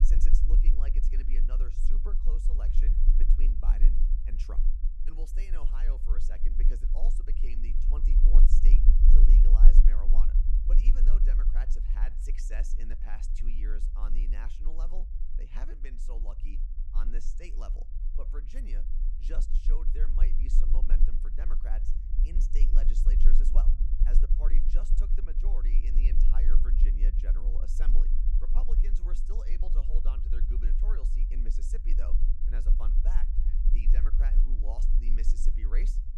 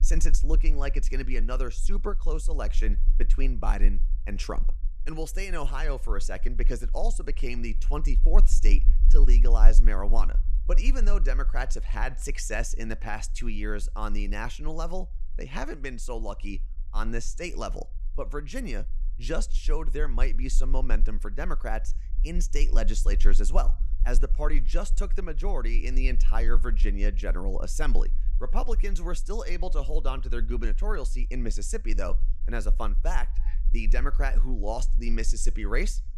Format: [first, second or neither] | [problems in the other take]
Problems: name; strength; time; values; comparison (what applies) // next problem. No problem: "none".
second | low rumble; loud; throughout; 4 dB below the speech; faint in the second